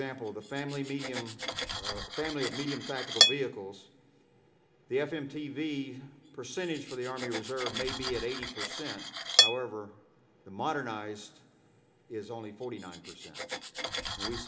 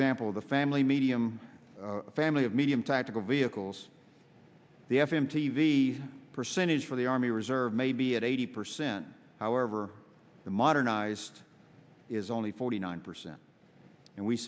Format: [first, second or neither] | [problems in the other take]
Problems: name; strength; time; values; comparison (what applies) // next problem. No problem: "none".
second | background sound (Cutlery, silverware); 2 dB above the speech // room echo; dies away in 2 s